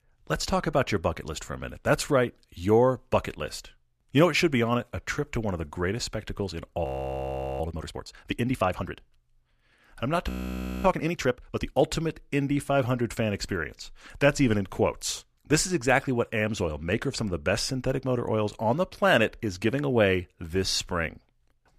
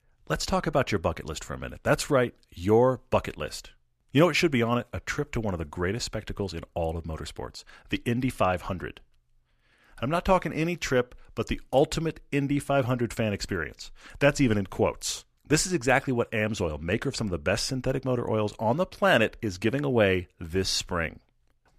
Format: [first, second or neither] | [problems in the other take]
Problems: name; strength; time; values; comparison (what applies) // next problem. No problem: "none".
second | audio freezing; at 7 s for 1 s and at 10 s for 0.5 s